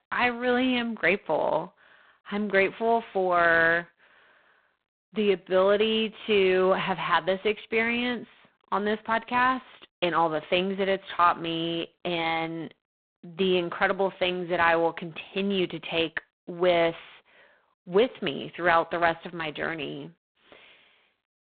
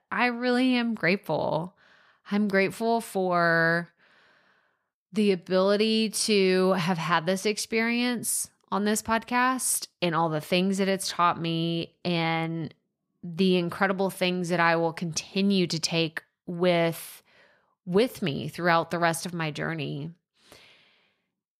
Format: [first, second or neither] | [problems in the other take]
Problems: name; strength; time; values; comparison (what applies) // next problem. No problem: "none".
second | phone-call audio; poor line